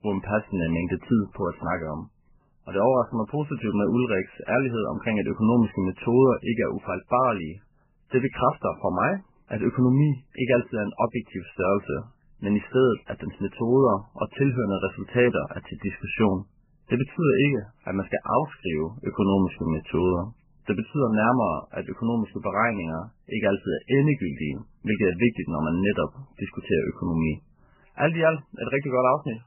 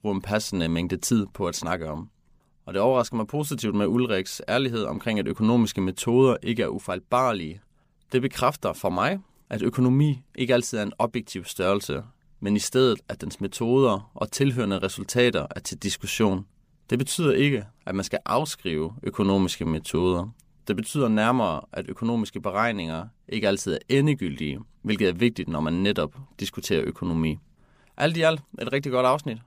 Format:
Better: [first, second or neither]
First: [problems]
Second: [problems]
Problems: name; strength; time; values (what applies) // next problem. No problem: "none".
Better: second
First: garbled, watery; badly; nothing above 3 kHz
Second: none